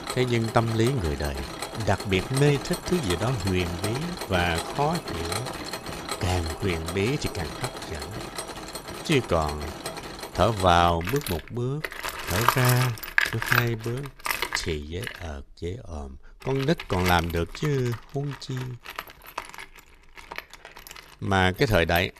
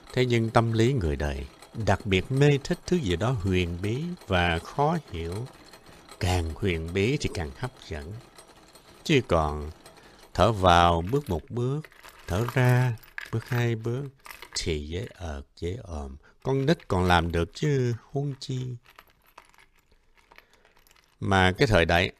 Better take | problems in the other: second | machinery noise; loud; throughout; 6 dB below the speech; faint in the second

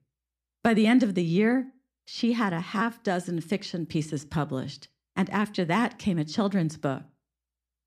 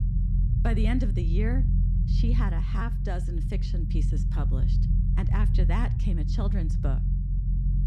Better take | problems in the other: first | low rumble; loud; throughout; 4 dB below the speech

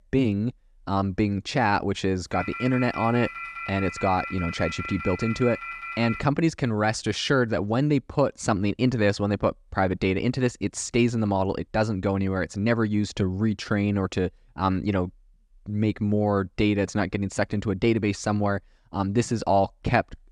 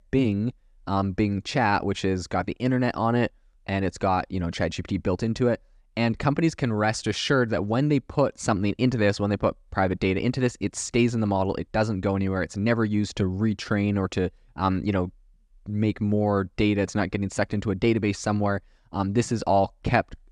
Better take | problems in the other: second | phone ringing; noticeable; from 2.5 to 6 s; peak 8 dB below the speech

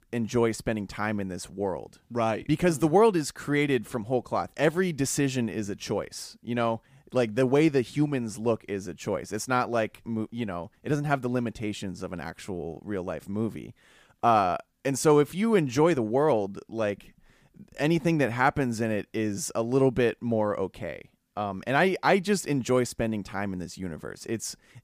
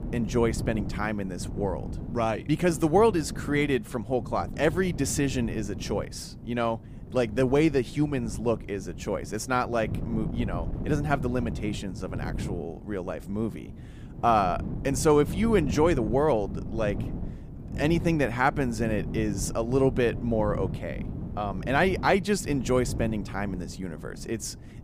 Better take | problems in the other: first | wind noise on the microphone; occasional gusts; 15 dB below the speech

